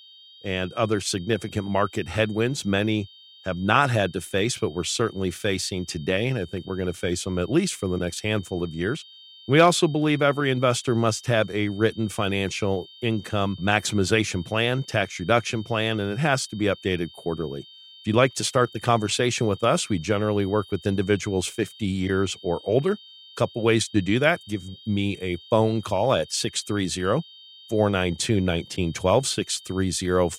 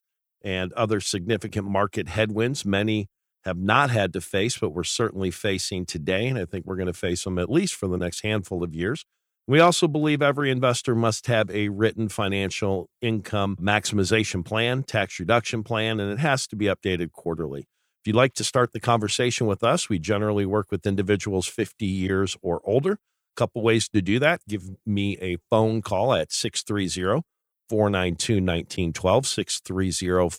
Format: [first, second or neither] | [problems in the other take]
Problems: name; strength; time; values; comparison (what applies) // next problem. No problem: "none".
second | high-pitched whine; faint; throughout; 3 kHz, 20 dB below the speech